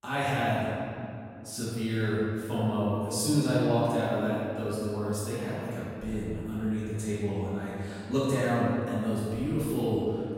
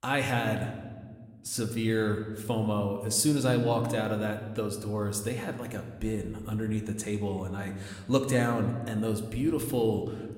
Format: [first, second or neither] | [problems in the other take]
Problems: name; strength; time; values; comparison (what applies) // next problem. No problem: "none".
second | room echo; strong; dies away in 2.5 s; slight in the second // off-mic speech; far